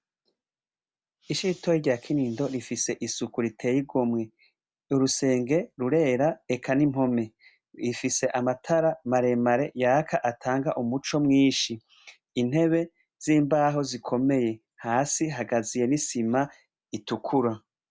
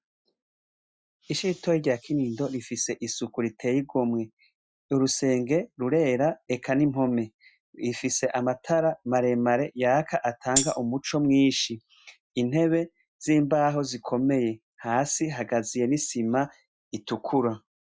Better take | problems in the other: first | noise reduction (classical method Wiener filter)

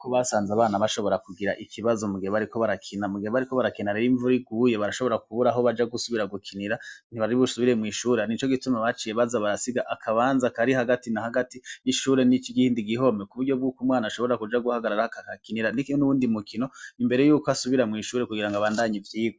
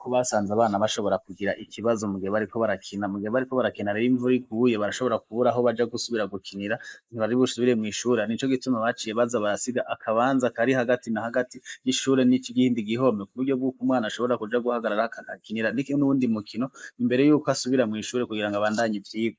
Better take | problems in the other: first | noise reduction (neural mask model Resemble Enhance denoiser)

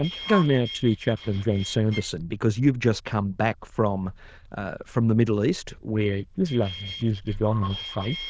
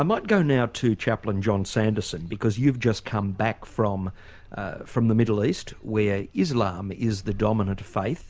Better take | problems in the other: second | noise reduction (neural diffusion model UNIVERSE++)

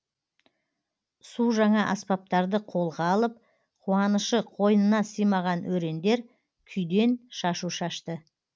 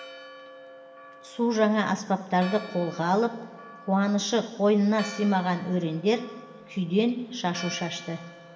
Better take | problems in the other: first | background sound (Church bell); 18 dB below the speech // room echo; dies away in 1.7 s

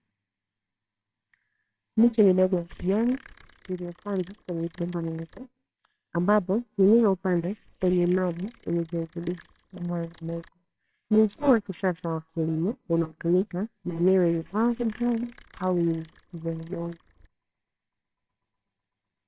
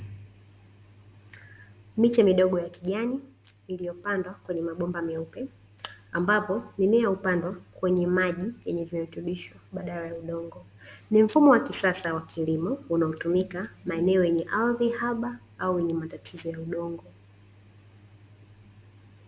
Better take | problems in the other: second | noise reduction (neural separator model SepFormer WHAMR!)

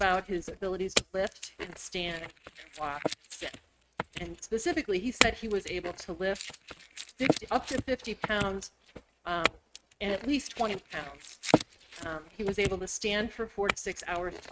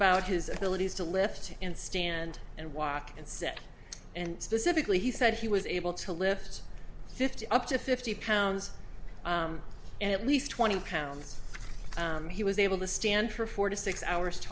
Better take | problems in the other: second | noise reduction (neural mask model RNNoise)

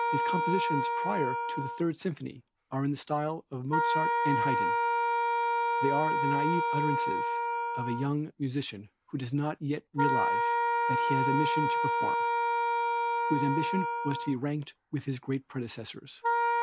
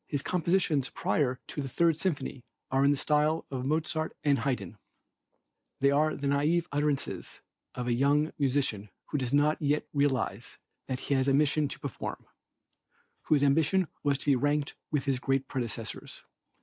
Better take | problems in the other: second | background sound (Wind instrument, woodwind instrument); 4 dB above the speech

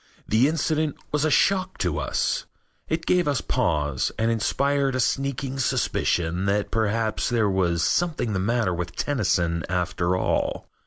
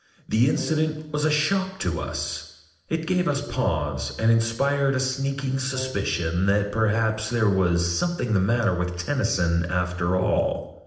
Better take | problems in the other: first | noise reduction (neural separator model SepFormer DNS4)

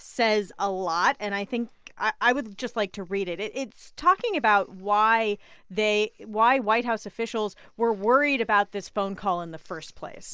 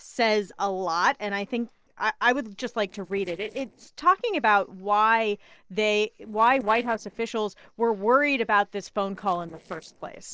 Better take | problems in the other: first | noise reduction (neural separator model SepFormer DNS4)

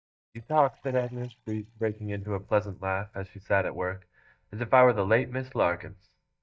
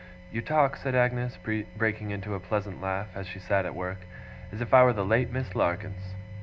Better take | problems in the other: second | noise reduction (neural mask model DeepFilterNet 3)

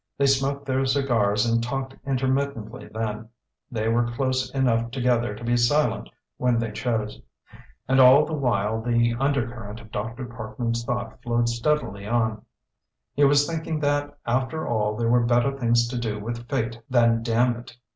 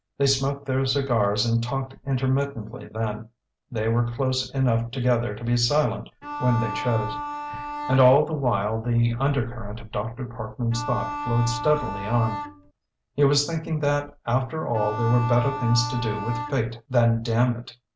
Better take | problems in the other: first | background sound (Bowed string instrument); 8 dB below the speech

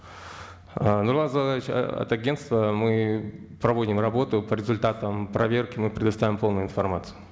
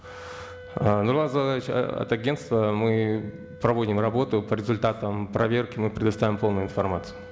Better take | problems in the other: first | background sound (Wind instrument, woodwind instrument); 20 dB below the speech

